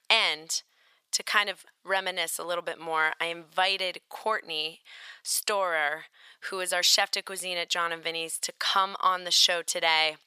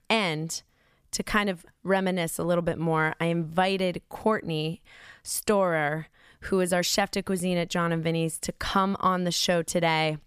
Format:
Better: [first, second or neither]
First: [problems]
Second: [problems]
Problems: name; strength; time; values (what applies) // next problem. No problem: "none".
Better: second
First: thin; very; fading below 750 Hz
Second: none